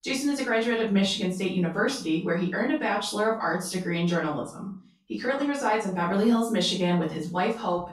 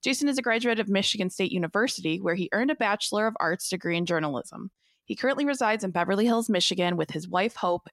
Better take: second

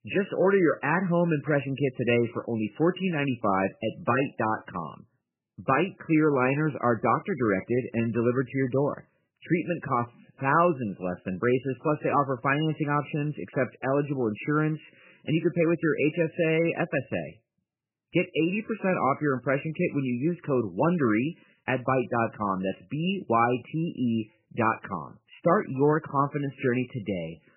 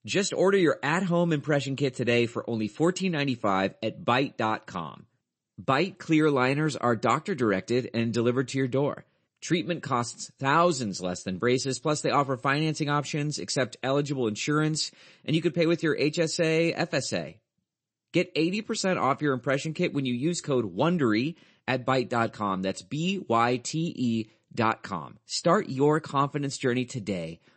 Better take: second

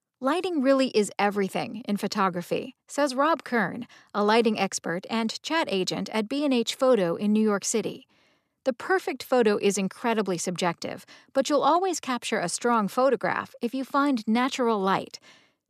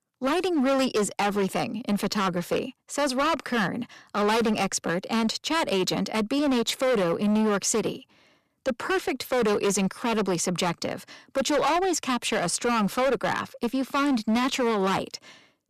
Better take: first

